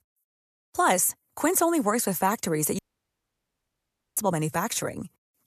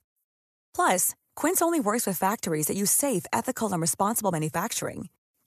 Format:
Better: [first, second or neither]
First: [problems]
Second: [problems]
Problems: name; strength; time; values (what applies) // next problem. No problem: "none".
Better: second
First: audio cutting out; at 3 s for 1.5 s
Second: none